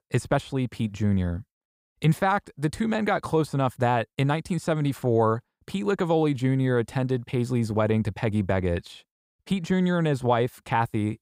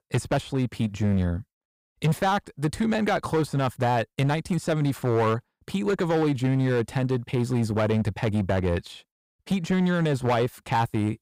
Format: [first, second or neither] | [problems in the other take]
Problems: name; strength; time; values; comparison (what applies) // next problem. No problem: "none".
first | distortion; slight; 10% of the sound clipped